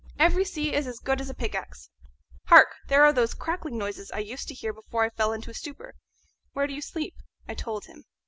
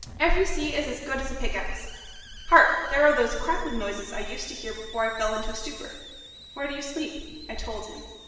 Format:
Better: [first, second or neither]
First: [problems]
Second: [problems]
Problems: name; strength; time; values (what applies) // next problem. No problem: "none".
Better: first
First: none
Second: background sound (Hiss); 20 dB below the speech // room echo; dies away in 1.2 s